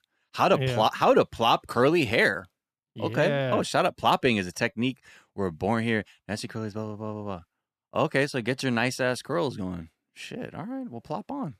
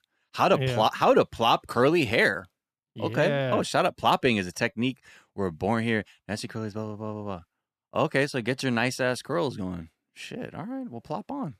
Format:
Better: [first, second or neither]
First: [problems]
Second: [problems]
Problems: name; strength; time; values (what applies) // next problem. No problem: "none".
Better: neither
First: none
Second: none